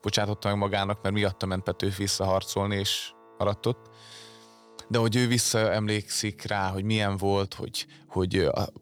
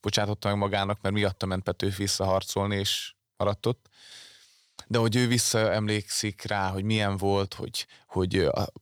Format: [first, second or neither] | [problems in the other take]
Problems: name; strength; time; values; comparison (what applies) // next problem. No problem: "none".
second | background music; faint; throughout; 25 dB below the speech